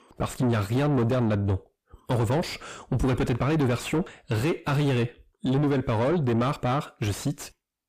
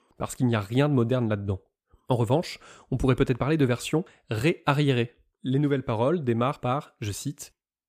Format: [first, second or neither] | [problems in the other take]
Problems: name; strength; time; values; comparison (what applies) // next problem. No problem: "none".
second | distortion; heavy; 6 dB below the speech